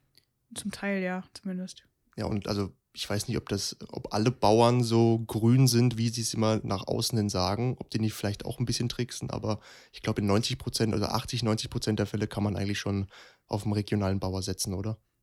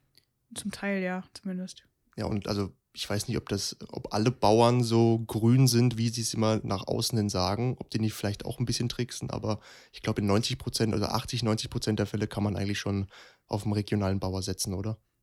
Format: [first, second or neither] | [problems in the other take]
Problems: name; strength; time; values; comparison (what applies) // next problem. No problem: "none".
neither | none